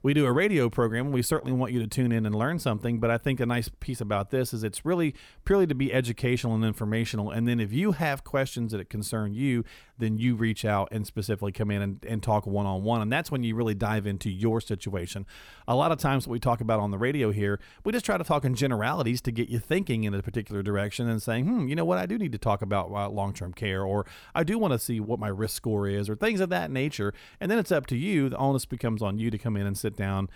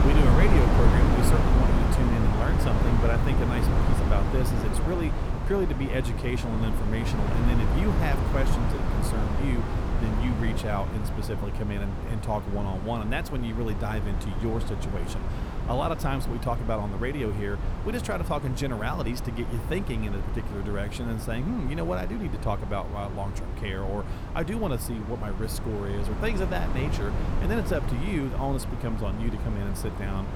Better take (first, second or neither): first